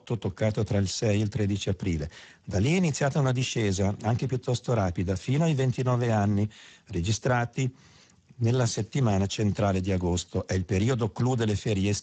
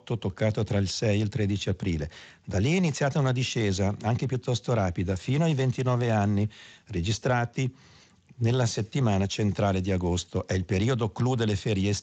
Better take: second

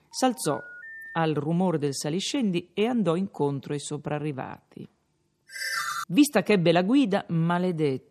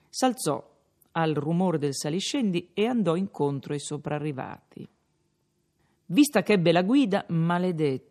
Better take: second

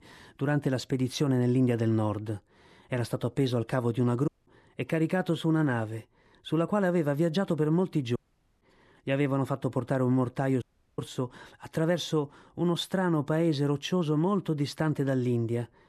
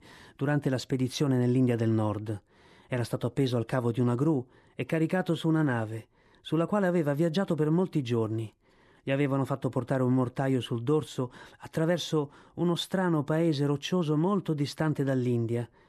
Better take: second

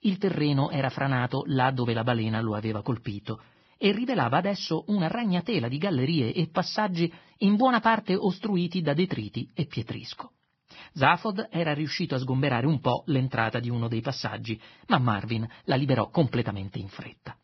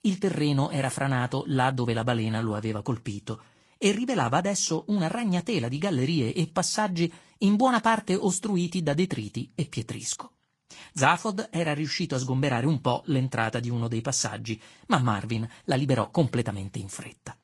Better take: second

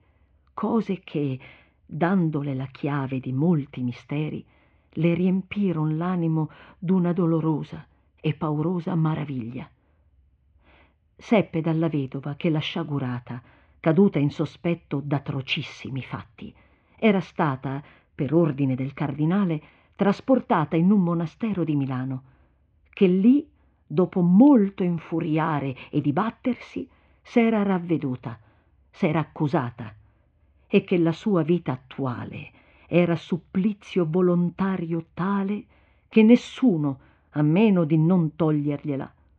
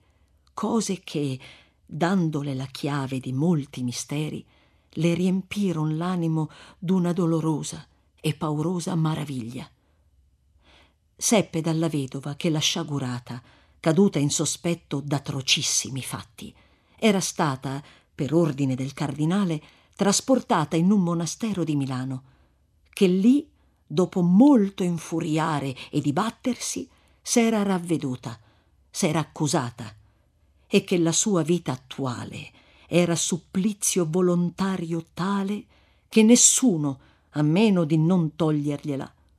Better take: second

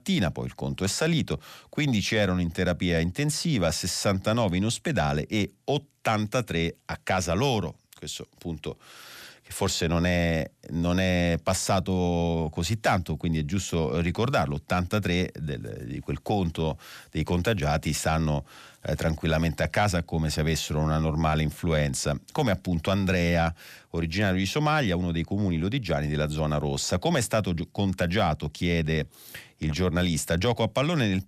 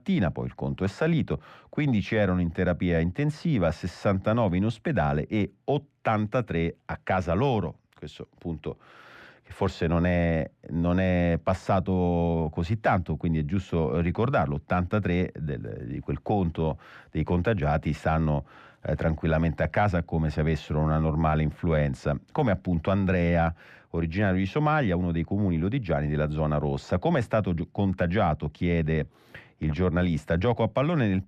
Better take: first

